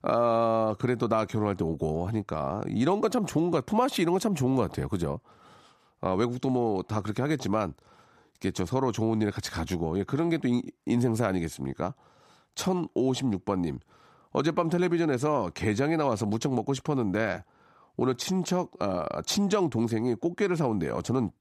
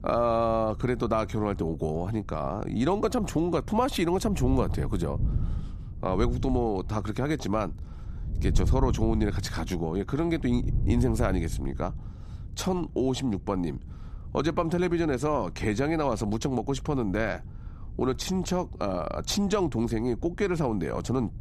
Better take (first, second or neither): first